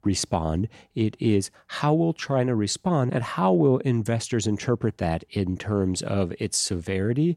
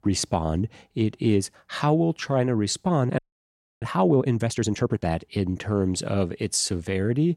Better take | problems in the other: first | audio freezing; at 3 s for 0.5 s

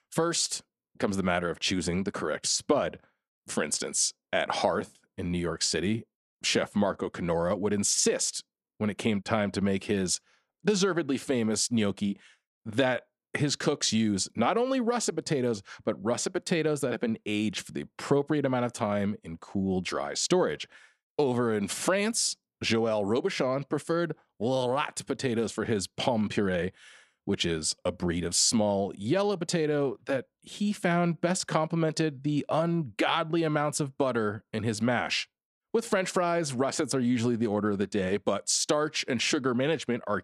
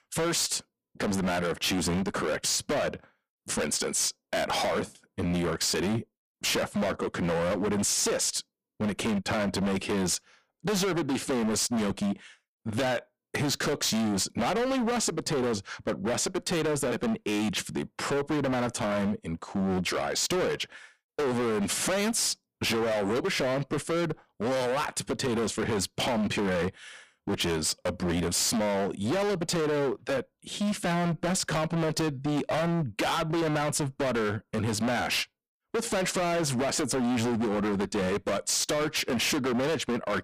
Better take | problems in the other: first | distortion; heavy; 30% of the sound clipped

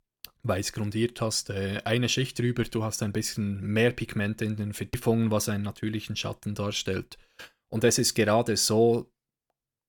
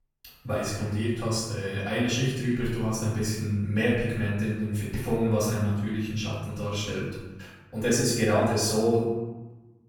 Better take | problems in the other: first | room echo; noticeable; dies away in 1 s // off-mic speech; far

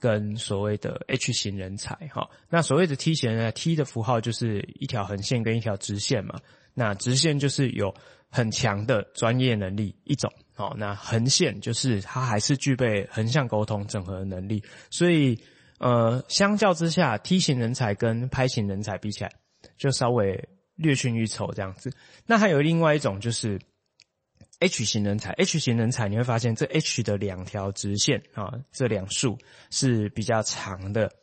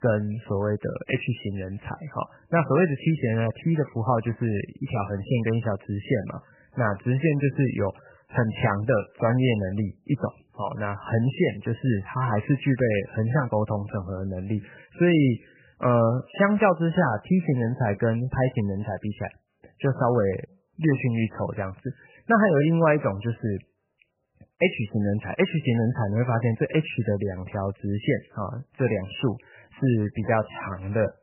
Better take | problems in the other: first | garbled, watery; badly; nothing above 3 kHz; slightly in the first

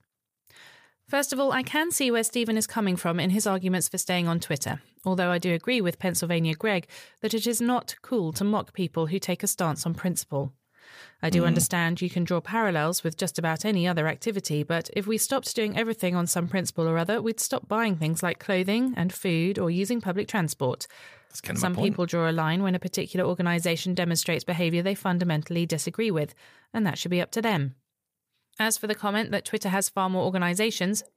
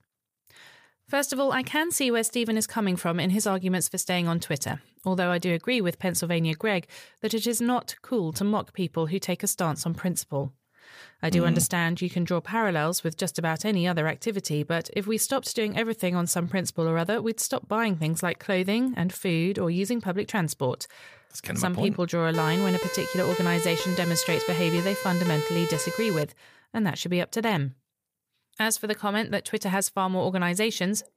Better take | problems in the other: first | siren; noticeable; from 22 to 26 s; peak 3 dB below the speech

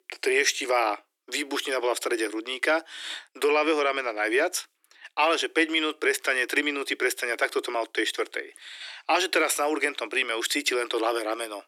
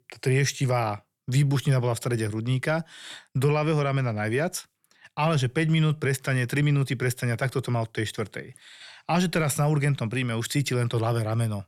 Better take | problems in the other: second | thin; very; fading below 300 Hz

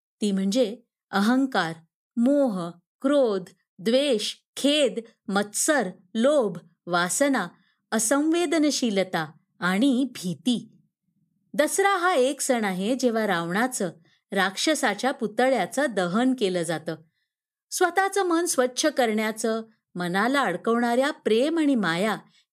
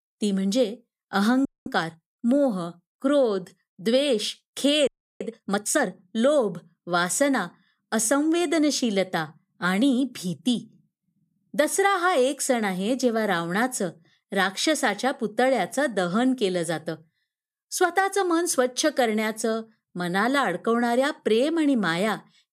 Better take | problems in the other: first | audio freezing; at 1.5 s and at 5 s

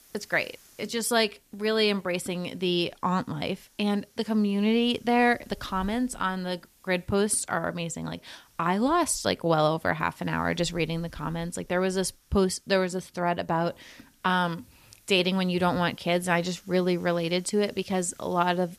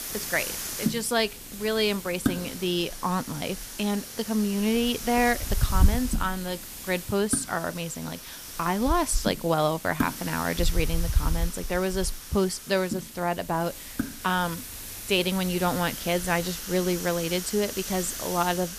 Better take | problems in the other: first | hiss; loud; throughout; 5 dB below the speech; faint in the first

